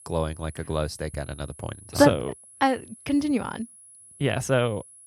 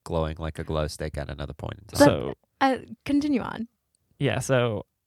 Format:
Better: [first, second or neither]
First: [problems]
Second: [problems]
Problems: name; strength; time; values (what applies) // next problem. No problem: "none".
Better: second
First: high-pitched whine; faint; throughout; 10.5 kHz, 20 dB below the speech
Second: none